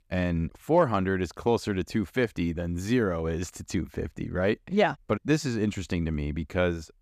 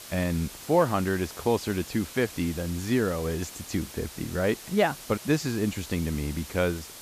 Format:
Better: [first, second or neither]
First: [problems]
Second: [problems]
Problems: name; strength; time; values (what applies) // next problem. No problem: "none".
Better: first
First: none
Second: hiss; noticeable; throughout; 15 dB below the speech